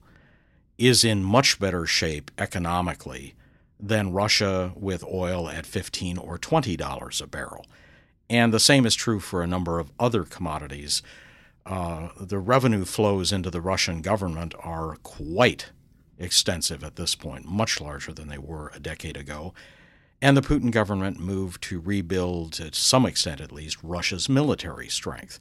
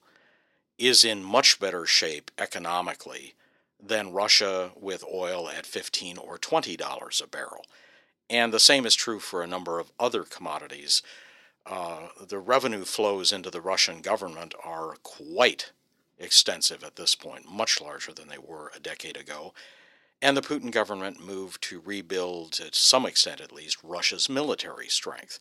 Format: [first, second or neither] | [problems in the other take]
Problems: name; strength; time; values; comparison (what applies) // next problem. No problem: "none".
first | thin; somewhat; fading below 450 Hz